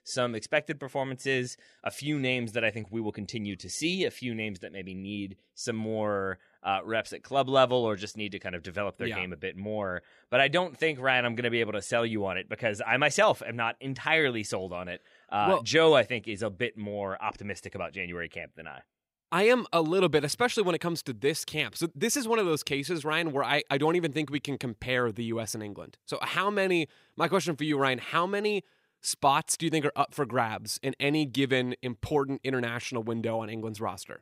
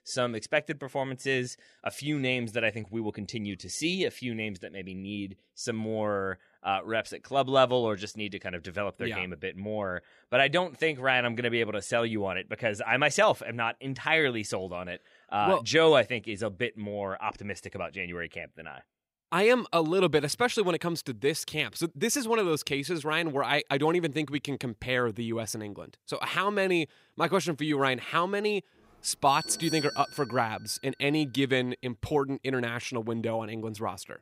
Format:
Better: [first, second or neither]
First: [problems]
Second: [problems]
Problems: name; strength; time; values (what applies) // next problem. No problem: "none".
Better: first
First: none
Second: doorbell; noticeable; from 29 to 30 s; peak 6 dB below the speech